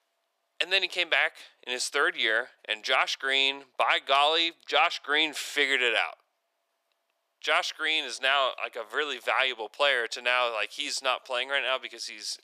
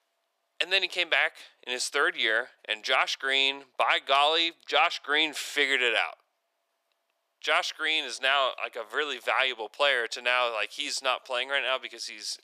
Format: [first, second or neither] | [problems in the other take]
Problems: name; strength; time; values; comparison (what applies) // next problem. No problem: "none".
neither | thin; very; fading below 400 Hz; the same in both